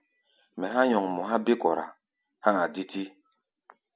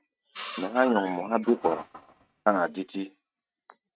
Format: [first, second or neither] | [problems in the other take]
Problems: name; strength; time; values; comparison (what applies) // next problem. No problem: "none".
first | noise reduction (neural mask model RNNoise)